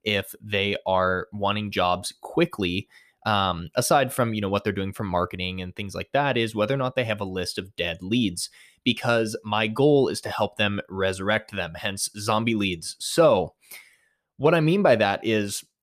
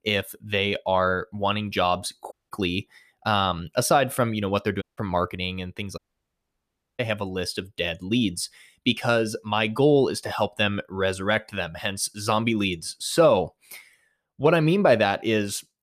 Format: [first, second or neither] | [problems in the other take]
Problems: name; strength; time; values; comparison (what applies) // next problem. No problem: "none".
first | audio cutting out; at 2.5 s, at 5 s and at 6 s for 1 s